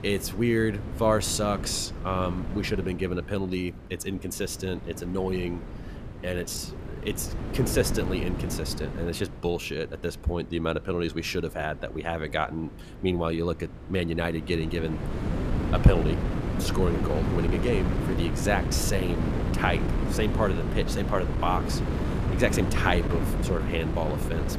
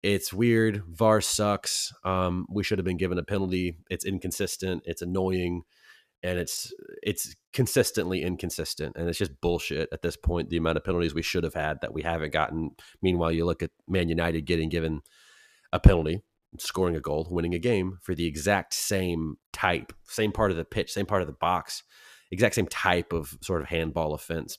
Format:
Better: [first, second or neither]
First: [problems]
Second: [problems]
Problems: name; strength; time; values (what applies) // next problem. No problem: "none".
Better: second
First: wind noise on the microphone; heavy; 6 dB below the speech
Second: none